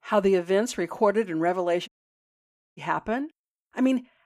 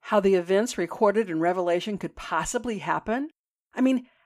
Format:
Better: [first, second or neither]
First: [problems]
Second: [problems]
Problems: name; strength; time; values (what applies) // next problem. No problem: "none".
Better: second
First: audio cutting out; at 2 s for 1 s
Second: none